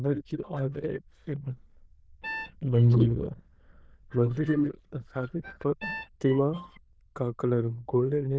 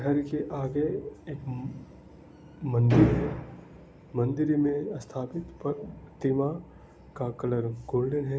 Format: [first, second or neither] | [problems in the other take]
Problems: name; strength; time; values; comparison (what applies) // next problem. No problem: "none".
second | noise reduction (neural diffusion model UNIVERSE++)